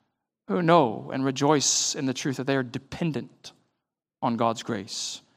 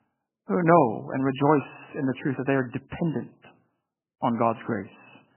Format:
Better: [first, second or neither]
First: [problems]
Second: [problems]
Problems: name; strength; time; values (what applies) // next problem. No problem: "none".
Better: first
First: none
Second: garbled, watery; badly; nothing above 3 kHz